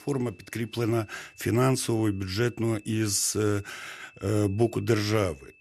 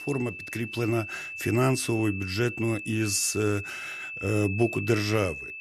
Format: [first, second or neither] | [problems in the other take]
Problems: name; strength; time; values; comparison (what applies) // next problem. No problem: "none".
first | high-pitched whine; loud; throughout; 2.5 kHz, 8 dB below the speech; faint in the first